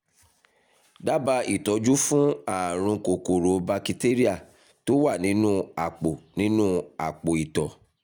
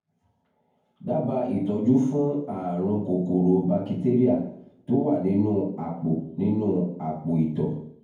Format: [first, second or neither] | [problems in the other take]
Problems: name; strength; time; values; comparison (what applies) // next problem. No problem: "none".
first | room echo; dies away in 0.9 s